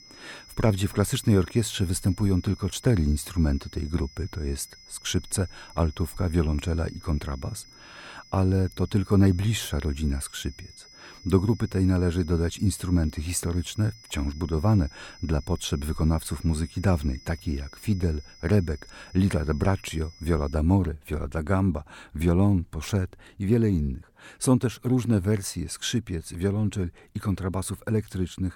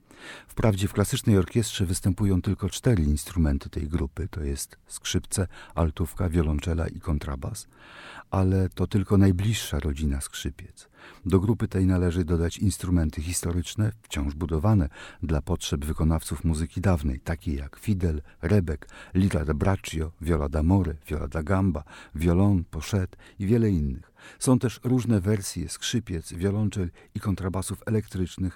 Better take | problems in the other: second | high-pitched whine; faint; until 21 s; 5 kHz, 20 dB below the speech

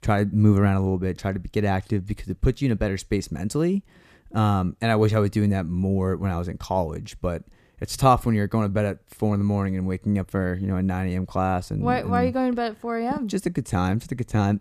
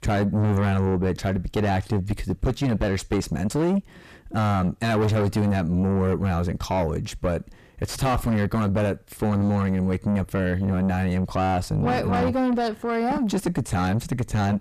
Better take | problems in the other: first | distortion; heavy; 5 dB below the speech

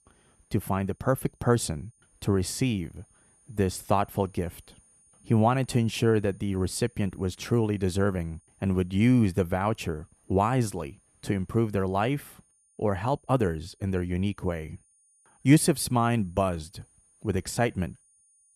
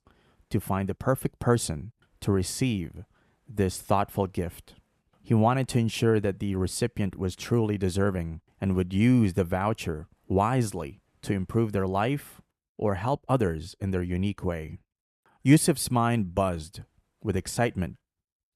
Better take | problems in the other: second | high-pitched whine; faint; throughout; 9.5 kHz, 35 dB below the speech

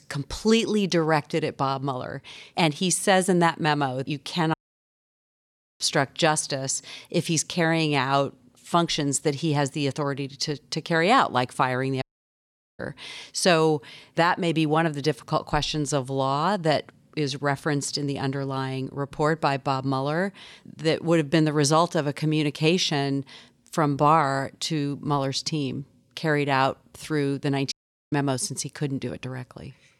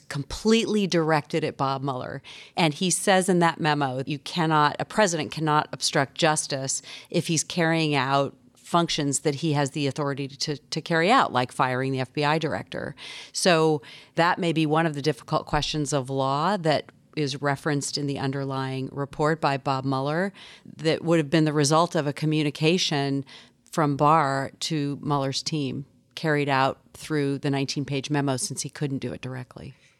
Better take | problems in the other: second | audio cutting out; at 4.5 s for 1.5 s, at 12 s for 1 s and at 28 s

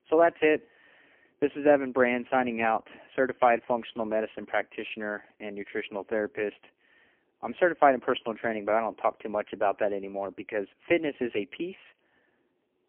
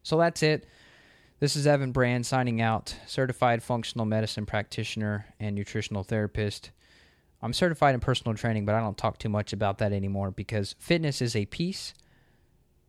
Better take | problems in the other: second | phone-call audio; poor line; nothing above 3 kHz

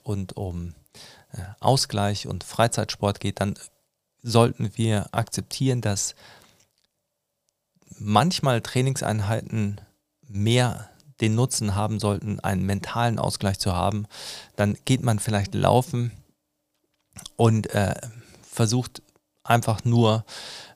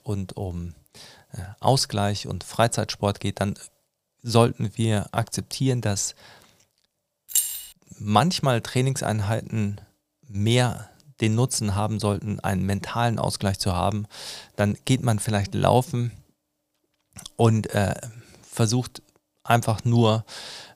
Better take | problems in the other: first | jangling keys; loud; at 7.5 s; peak 2 dB above the speech

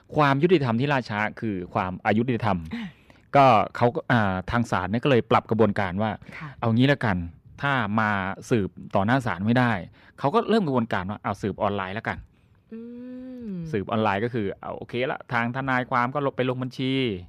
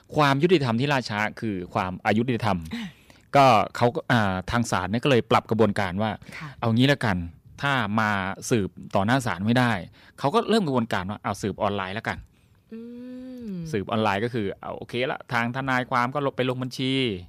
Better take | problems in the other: second | muffled; slightly; fading above 4 kHz

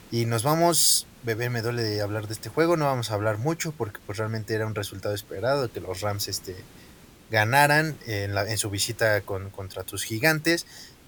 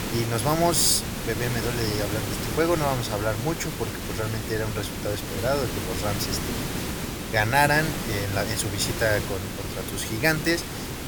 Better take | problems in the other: first | hiss; loud; throughout; 5 dB below the speech; faint in the first

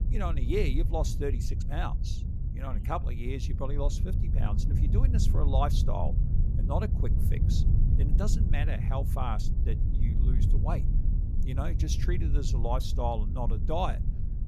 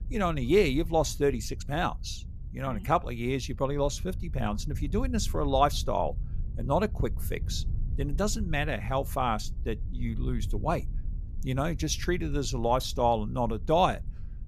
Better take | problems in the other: second | low rumble; loud; throughout; 8 dB below the speech; faint in the second

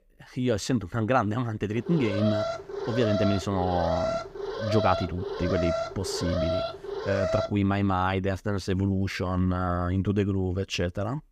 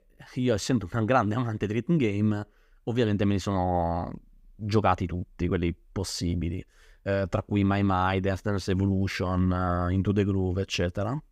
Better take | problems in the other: second | alarm; noticeable; from 2 to 7.5 s; peak 1 dB below the speech

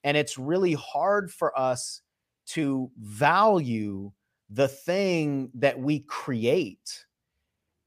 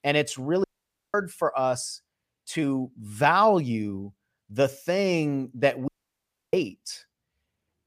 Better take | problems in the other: first | audio cutting out; at 0.5 s and at 6 s for 0.5 s

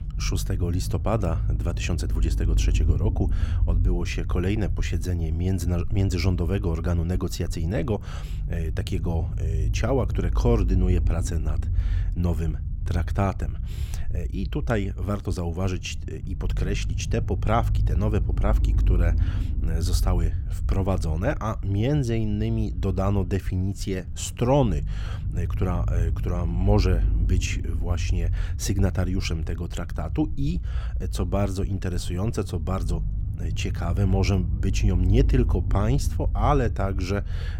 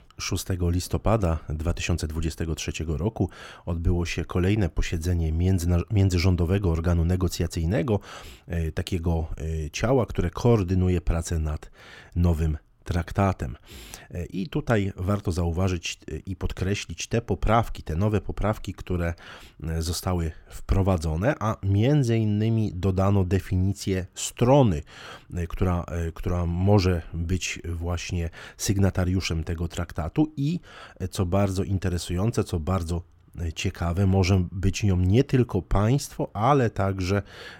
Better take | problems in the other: second | low rumble; noticeable; throughout; 15 dB below the speech

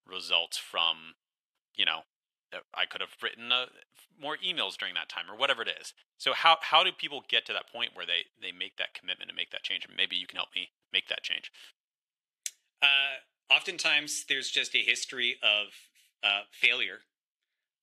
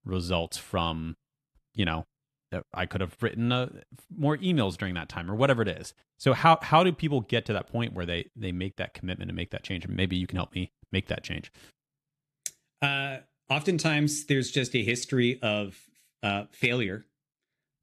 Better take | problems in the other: second | thin; very; fading below 700 Hz

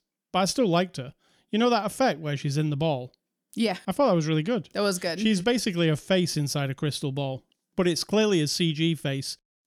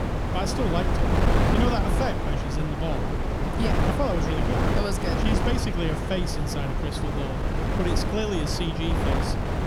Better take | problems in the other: first | wind noise on the microphone; heavy; 2 dB above the speech

